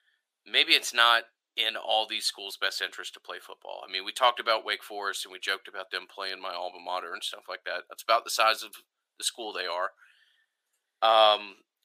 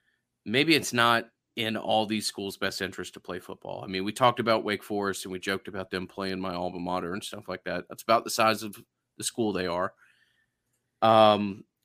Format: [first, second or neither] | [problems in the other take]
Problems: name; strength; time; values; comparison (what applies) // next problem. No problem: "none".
second | thin; very; fading below 550 Hz